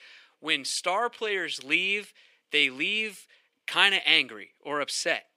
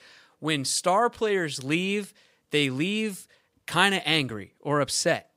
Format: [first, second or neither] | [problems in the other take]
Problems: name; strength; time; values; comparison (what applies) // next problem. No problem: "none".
second | thin; somewhat; fading below 350 Hz